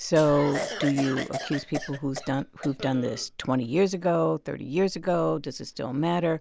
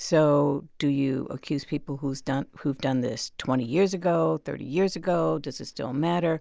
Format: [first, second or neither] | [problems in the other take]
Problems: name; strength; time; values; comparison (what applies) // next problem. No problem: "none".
second | background sound (Cough); 10 dB below the speech